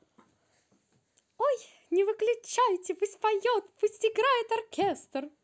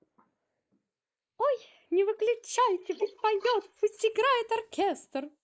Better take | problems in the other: first | noise reduction (neural mask model Resemble Enhance denoiser)

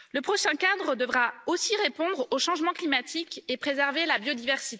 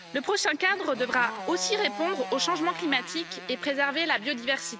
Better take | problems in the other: first | background sound (Motorcycle); 12 dB below the speech

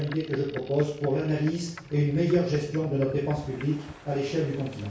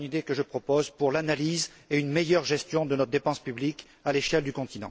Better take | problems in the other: second | background sound (Boat, Water vehicle); 17 dB below the speech // room echo; dies away in 0.6 s

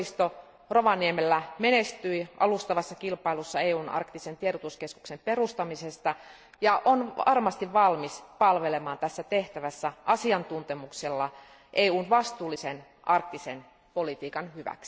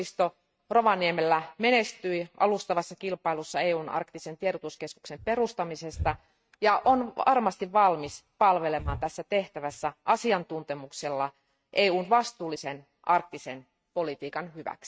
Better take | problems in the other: first | noise reduction (neural mask model RNNoise)

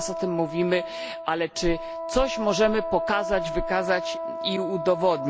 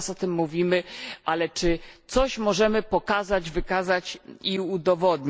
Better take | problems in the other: second | background sound (Wind instrument, woodwind instrument); 6 dB below the speech

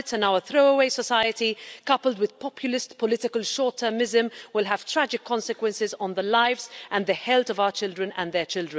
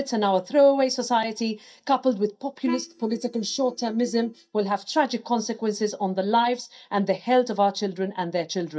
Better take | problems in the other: first | noise reduction (neural mask model DeepFilterNet 3)

